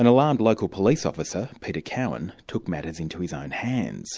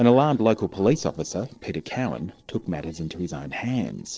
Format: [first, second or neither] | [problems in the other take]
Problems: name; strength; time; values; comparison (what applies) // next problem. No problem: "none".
first | noise reduction (neural separator model SepFormer DNS4)